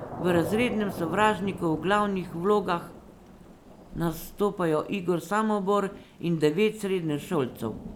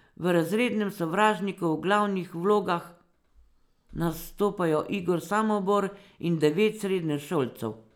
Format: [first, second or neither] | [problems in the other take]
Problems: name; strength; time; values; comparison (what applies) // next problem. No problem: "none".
second | background sound (Thunder / Rain); 13 dB below the speech